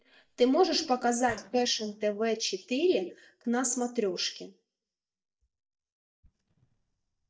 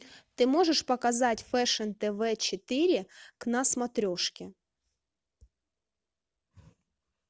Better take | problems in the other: second | noise reduction (neural mask model DeepFilterNet 3)

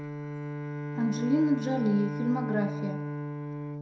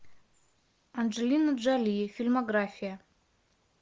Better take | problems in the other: second | background sound (Bowed string instrument); 5 dB below the speech // room echo; dies away in 0.5 s

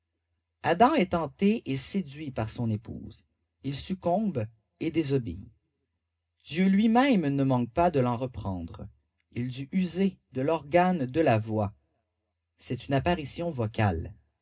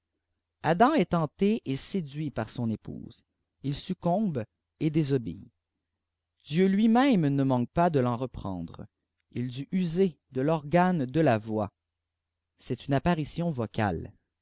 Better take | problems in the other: second | room echo; dies away in 0.2 s

